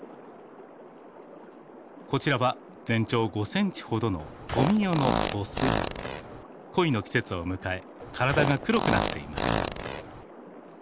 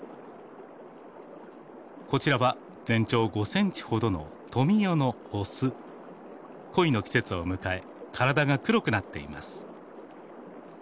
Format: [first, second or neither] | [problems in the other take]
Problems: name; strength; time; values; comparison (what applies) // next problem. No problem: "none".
second | background sound (Fart); 1 dB below the speech